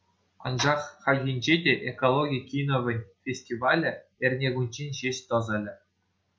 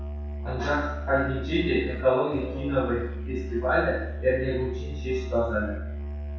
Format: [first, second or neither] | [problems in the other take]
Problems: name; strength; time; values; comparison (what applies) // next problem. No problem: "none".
first | background sound (Musical instrument); 5 dB below the speech // room echo; dies away in 0.7 s